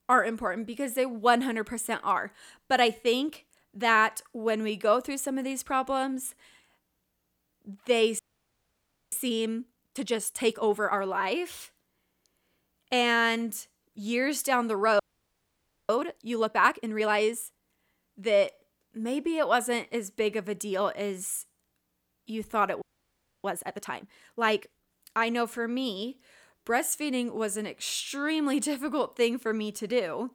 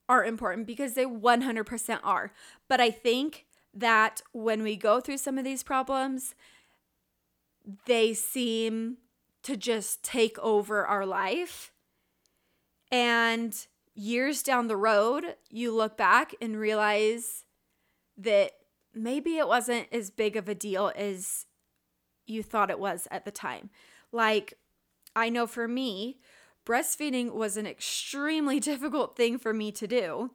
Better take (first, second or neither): second